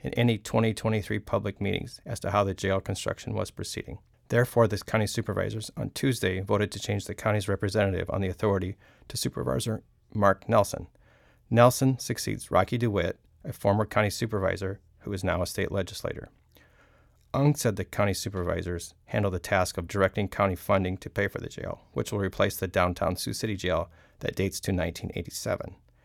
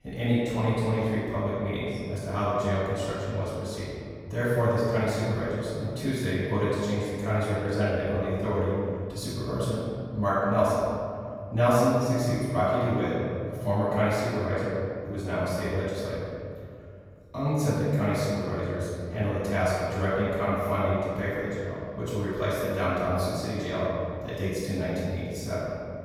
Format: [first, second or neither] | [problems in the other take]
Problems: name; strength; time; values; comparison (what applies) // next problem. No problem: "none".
first | room echo; strong; dies away in 2.3 s // off-mic speech; far